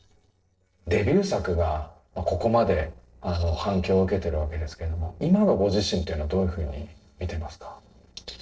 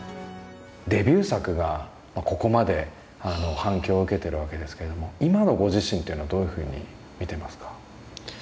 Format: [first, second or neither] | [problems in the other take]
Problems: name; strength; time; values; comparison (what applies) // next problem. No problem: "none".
second | noise reduction (neural separator model SepFormer DNS4)